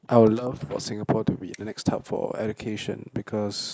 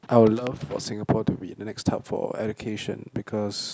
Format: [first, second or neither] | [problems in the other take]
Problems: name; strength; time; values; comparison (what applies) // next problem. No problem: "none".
second | noise reduction (neural mask model Resemble Enhance denoiser)